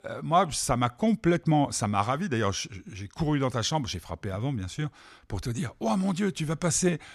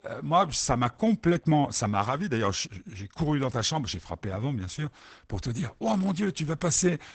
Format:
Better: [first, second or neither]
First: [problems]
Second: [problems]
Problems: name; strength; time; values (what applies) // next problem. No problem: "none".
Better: first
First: none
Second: garbled, watery; badly; nothing above 8 kHz